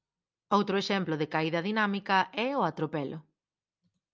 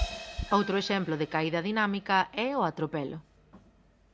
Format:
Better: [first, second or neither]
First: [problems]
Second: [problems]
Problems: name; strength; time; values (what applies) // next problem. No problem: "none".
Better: first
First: none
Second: background sound (Crash cymbal + Meow); 12 dB below the speech